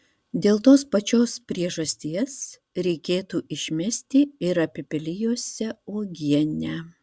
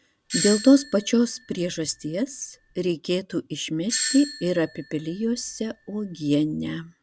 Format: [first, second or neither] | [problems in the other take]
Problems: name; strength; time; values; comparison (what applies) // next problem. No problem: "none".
first | background sound (Doorbell); 10 dB below the speech